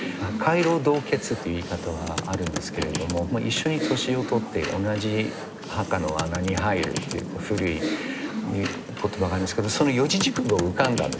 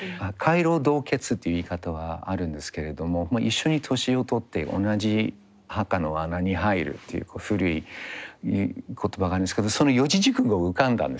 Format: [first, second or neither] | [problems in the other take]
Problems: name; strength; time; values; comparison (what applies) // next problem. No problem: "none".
second | background sound (Computer keyboard); 6 dB below the speech // room echo; dies away in 1 s